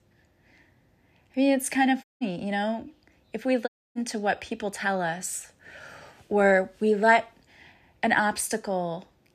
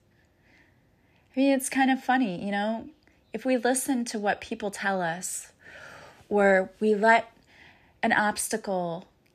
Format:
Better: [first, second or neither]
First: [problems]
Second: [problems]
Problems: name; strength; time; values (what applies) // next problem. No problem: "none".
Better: second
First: audio cutting out; at 2 s and at 3.5 s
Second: none